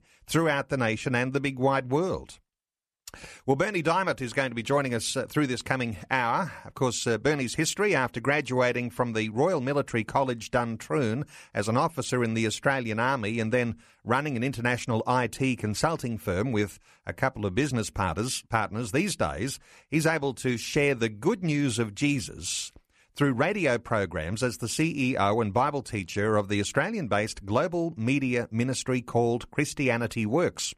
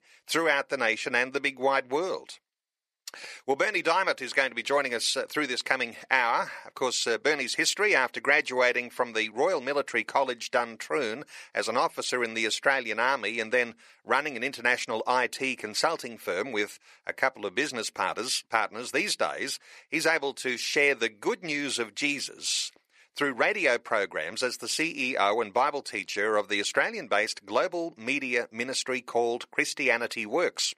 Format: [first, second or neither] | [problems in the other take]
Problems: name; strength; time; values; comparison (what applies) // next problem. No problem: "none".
first | thin; somewhat; fading below 450 Hz